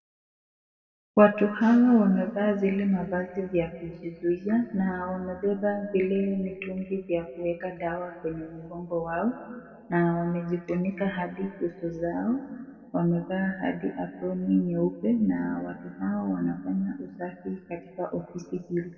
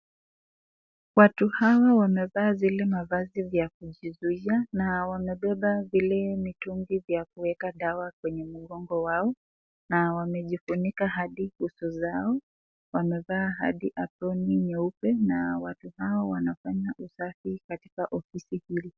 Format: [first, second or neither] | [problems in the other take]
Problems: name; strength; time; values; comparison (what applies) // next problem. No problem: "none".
second | room echo; dies away in 1.8 s